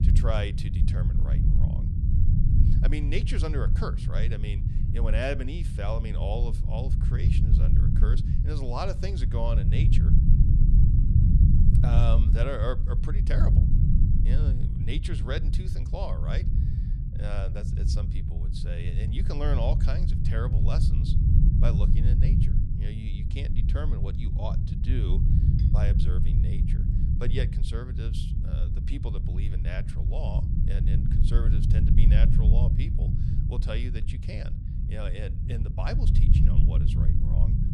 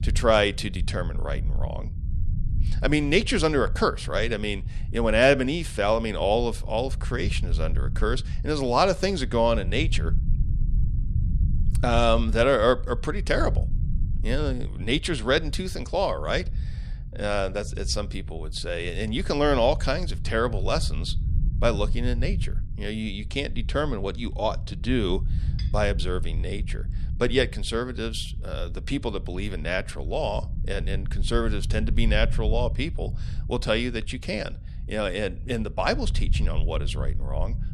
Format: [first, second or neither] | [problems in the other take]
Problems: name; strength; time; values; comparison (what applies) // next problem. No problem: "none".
second | low rumble; loud; throughout; 2 dB below the speech; faint in the second